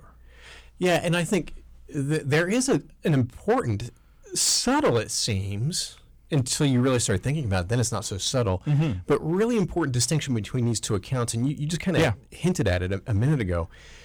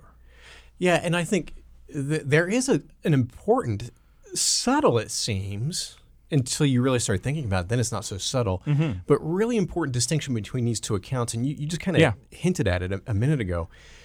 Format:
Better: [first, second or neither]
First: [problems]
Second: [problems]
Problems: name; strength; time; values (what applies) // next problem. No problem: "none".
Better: second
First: distortion; slight; 5% of the sound clipped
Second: none